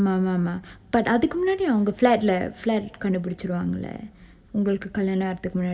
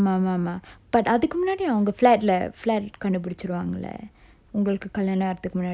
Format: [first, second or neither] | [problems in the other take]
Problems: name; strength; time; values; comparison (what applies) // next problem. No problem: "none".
second | room echo; dies away in 0.3 s